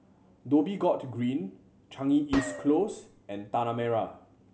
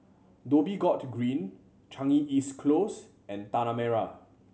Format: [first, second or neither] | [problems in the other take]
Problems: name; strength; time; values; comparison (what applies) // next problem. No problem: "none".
second | background sound (Gunshot, gunfire); 10 dB below the speech